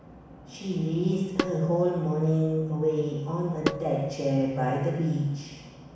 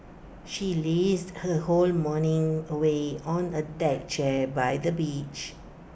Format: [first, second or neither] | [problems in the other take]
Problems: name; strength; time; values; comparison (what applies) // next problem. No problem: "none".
second | background sound (Tabla); 7 dB below the speech // room echo; dies away in 1.1 s